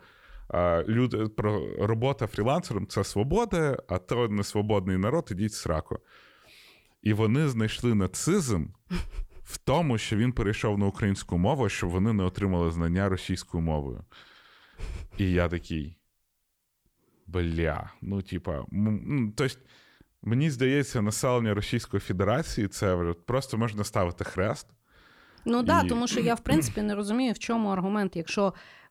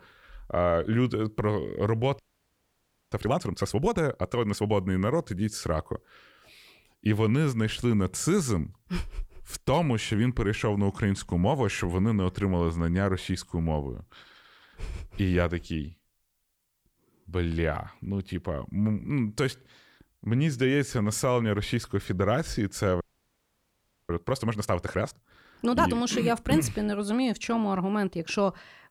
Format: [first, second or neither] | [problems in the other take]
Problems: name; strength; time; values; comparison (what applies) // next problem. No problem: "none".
first | audio freezing; at 2 s for 1 s and at 23 s for 1 s